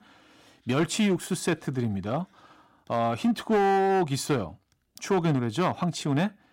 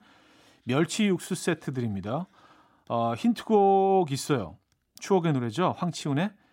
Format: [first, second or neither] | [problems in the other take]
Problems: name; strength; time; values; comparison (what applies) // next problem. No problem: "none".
second | distortion; slight; 7% of the sound clipped